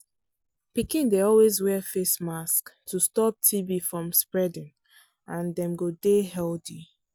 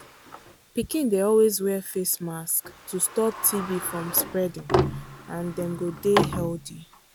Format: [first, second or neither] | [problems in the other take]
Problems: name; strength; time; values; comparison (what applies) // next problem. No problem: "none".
first | background sound (Sliding door); 6 dB below the speech